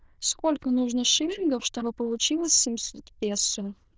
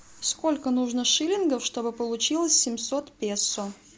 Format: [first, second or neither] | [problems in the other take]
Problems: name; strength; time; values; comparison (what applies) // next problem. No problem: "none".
second | noise reduction (neural diffusion model UNIVERSE++)